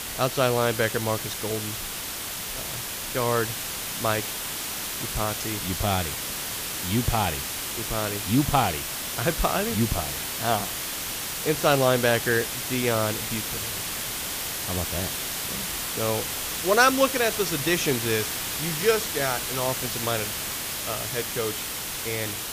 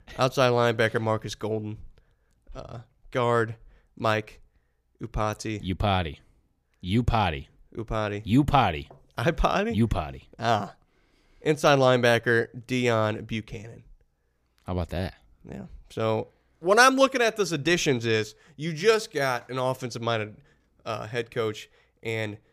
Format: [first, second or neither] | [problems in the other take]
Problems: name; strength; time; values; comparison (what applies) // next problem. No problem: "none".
second | hiss; loud; throughout; 2 dB below the speech